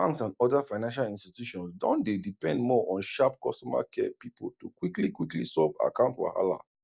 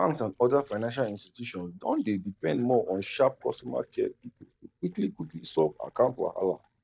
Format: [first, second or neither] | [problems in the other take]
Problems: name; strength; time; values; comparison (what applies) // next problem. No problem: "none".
first | noise reduction (neural mask model DeepFilterNet 3)